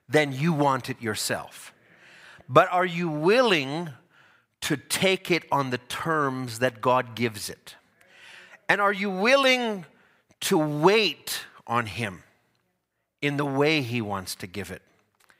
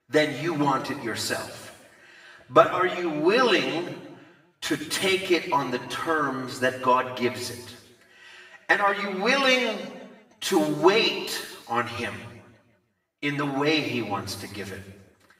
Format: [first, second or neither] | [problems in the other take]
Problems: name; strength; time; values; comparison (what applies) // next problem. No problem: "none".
first | room echo; noticeable; dies away in 1.1 s // off-mic speech; far